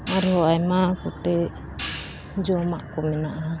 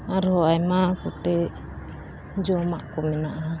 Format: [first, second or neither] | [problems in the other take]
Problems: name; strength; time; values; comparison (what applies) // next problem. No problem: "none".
second | background sound (Hi-hat); 16 dB below the speech